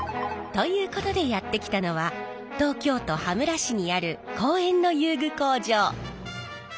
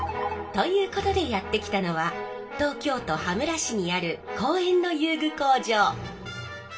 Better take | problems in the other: first | room echo; dies away in 0.2 s

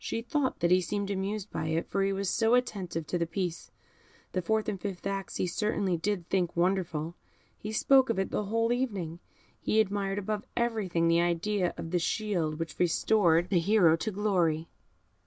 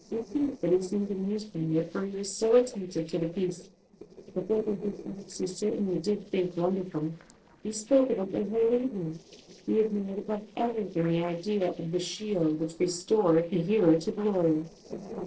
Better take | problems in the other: first | noise reduction (neural separator model SepFormer DNS4)

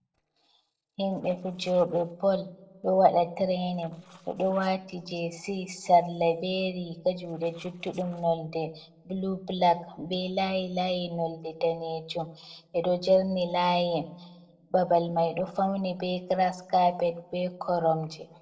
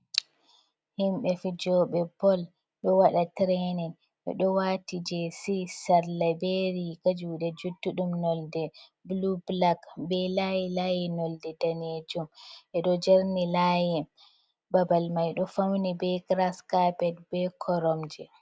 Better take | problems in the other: second | noise reduction (neural separator model SepFormer DNS4)

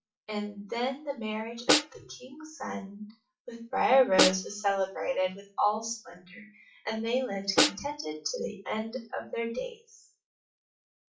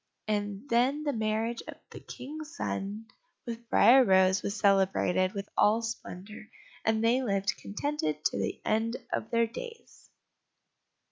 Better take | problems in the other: second | noise reduction (classical method WPE with log-MMSE)

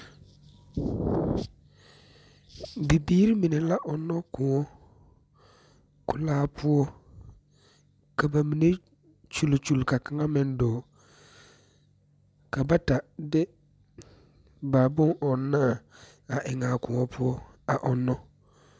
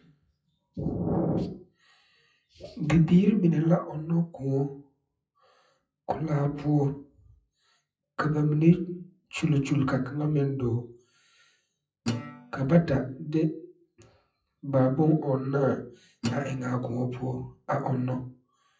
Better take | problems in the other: first | noise reduction (classical method WPE with log-MMSE)

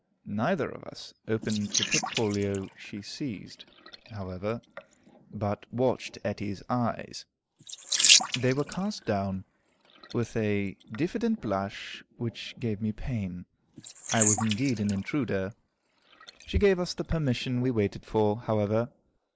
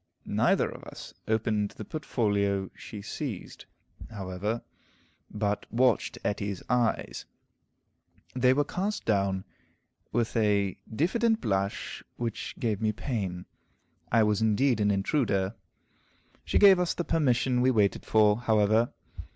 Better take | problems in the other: second | noise reduction (neural mask model Resemble Enhance denoiser)

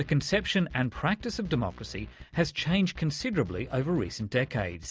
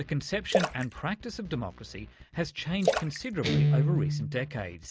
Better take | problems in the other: first | background sound (Splash, splatter + Guitar); 3 dB above the speech

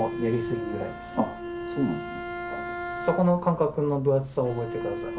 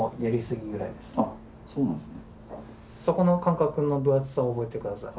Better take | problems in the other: second | background sound (Bowed string instrument); 7 dB below the speech

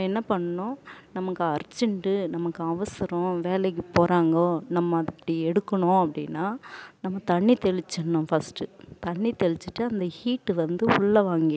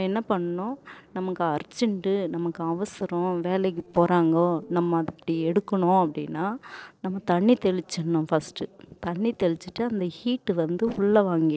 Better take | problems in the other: first | noise reduction (neural separator model SepFormer DNS4)

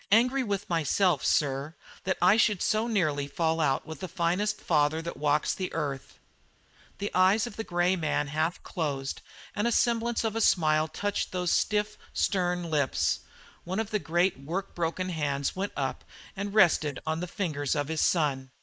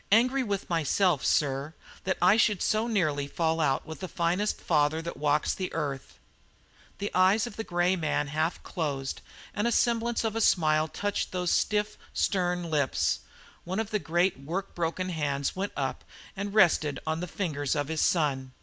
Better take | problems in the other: second | noise reduction (neural mask model Resemble Enhance denoiser)

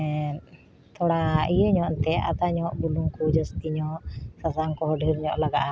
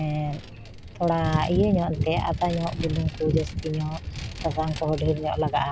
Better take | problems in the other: first | background sound (Vehicle); 13 dB below the speech

